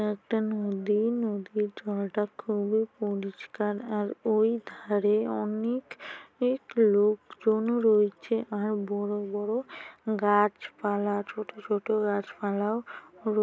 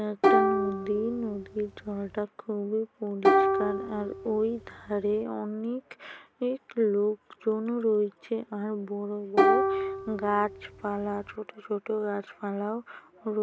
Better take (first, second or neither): first